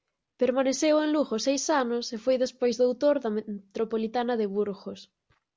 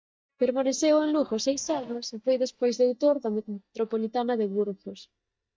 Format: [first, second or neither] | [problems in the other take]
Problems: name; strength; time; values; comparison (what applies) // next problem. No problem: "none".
first | noise reduction (neural mask model DeepFilterNet 3)